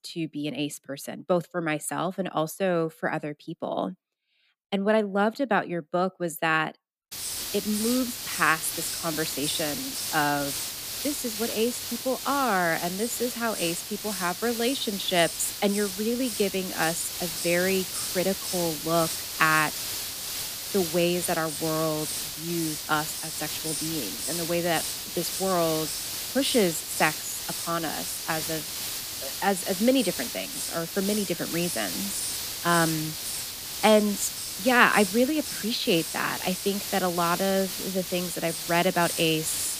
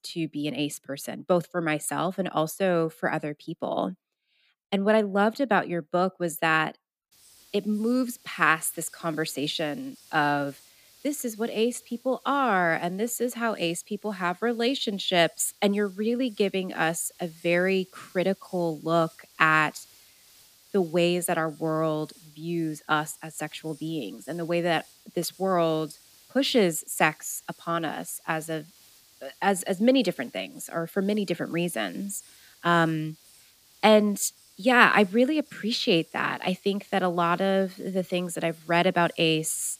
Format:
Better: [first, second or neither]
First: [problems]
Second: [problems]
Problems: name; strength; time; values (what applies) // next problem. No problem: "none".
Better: second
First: hiss; loud; from 7 s on; 3 dB below the speech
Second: hiss; faint; from 7 s on; 25 dB below the speech